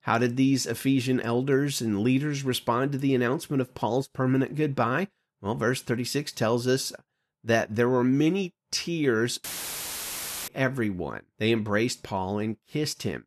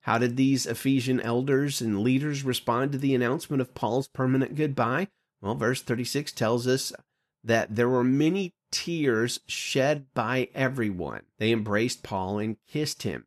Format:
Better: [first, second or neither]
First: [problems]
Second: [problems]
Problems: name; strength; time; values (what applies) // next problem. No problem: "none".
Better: second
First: audio cutting out; filled with static; at 9.5 s for 1 s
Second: none